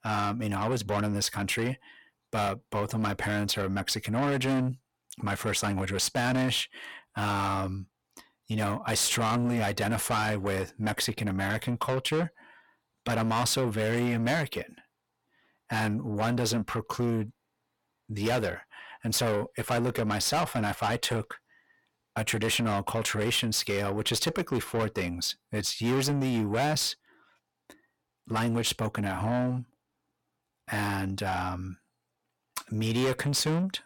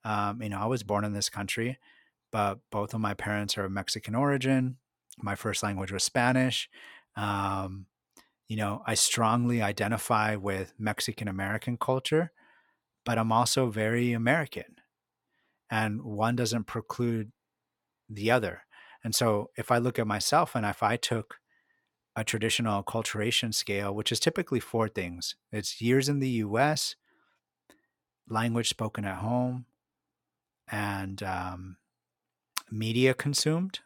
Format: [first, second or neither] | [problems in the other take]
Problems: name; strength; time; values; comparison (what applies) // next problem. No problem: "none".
second | distortion; heavy; 6 dB below the speech